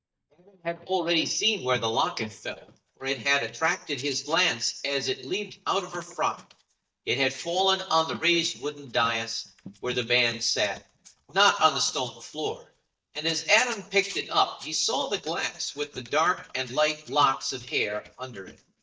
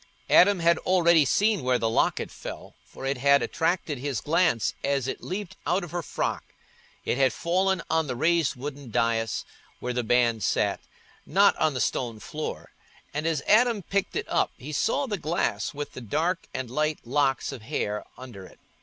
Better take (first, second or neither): second